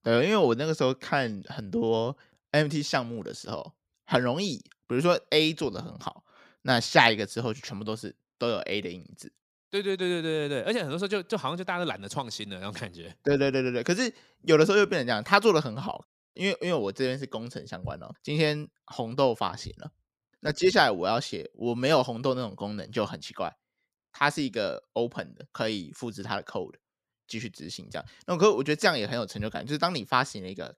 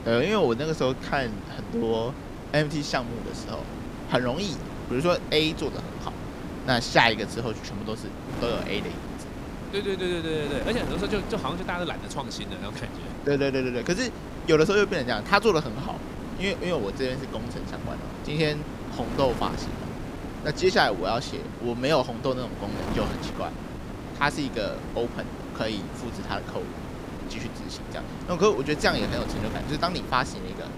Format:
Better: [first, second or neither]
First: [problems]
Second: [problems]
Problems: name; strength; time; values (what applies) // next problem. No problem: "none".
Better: first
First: none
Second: wind noise on the microphone; occasional gusts; 10 dB below the speech